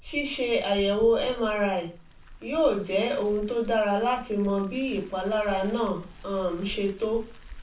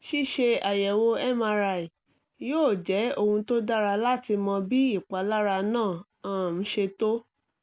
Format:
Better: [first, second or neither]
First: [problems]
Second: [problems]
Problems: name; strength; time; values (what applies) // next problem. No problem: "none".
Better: second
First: background sound (Car); 17 dB below the speech // room echo; dies away in 0.3 s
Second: none